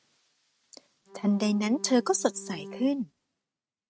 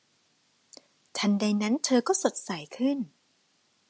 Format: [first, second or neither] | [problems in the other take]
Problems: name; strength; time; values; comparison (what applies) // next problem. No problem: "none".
second | noise reduction (neural mask model RNNoise)